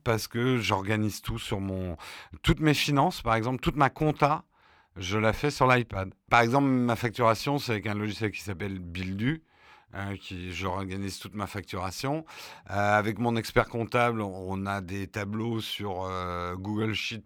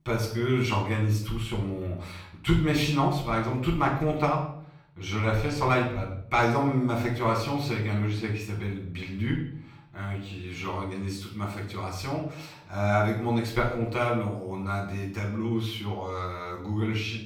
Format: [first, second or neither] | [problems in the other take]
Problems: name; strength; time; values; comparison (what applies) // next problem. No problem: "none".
first | off-mic speech; far // room echo; noticeable; dies away in 0.6 s